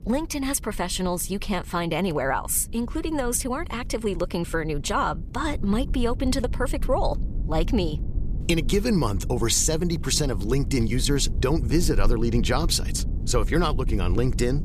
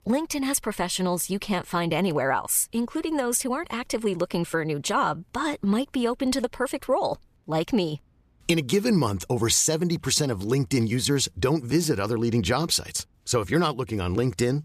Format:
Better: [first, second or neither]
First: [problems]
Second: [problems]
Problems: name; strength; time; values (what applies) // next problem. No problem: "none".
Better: second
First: low rumble; noticeable; throughout; 20 dB below the speech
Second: none